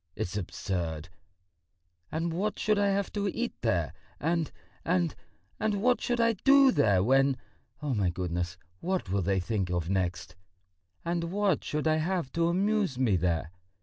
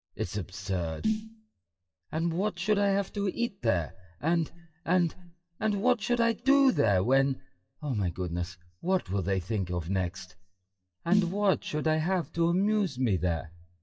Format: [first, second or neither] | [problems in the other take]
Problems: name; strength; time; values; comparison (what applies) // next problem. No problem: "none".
first | noise reduction (classical method WPE with log-MMSE)